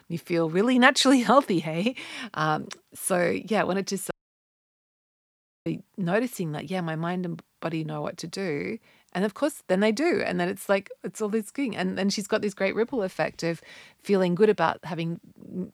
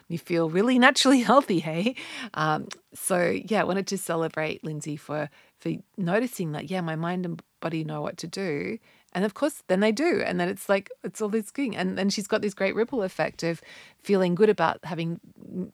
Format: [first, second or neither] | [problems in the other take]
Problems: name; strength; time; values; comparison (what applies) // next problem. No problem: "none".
second | audio cutting out; at 4 s for 1.5 s